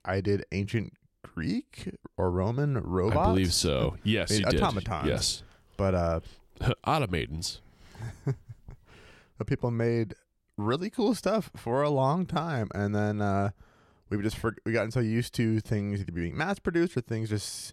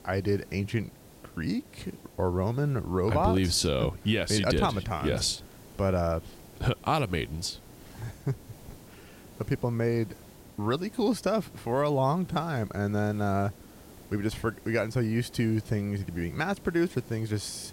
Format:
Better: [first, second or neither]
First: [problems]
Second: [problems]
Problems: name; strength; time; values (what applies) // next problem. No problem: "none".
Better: first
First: none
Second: hiss; faint; throughout; 20 dB below the speech